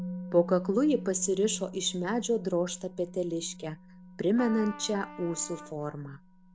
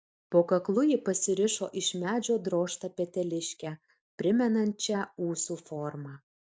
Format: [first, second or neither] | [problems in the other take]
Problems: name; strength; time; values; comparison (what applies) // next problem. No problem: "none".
second | background sound (Musical instrument + Trumpet); 13 dB below the speech